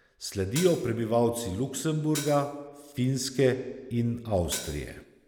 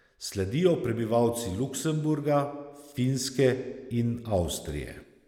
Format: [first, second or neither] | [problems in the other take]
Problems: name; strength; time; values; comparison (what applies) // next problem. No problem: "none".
second | background sound (Hi-hat); 11 dB below the speech